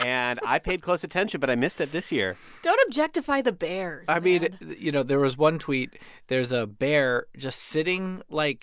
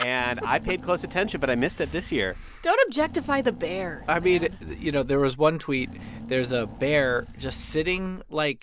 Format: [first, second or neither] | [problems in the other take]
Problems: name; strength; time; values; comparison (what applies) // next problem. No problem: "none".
first | background sound (Engine / Car); 15 dB below the speech